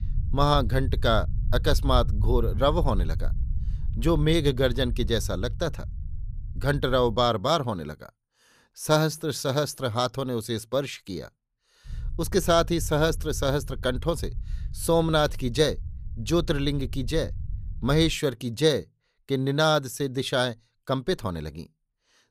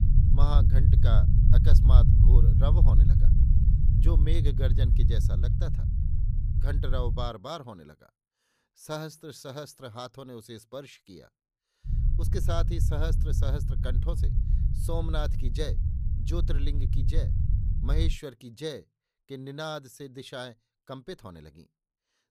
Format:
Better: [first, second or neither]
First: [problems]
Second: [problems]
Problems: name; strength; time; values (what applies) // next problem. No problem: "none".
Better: first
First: low rumble; faint; until 7.5 s and from 12 to 18 s; 25 dB below the speech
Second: low rumble; loud; until 7.5 s and from 12 to 18 s; 3 dB below the speech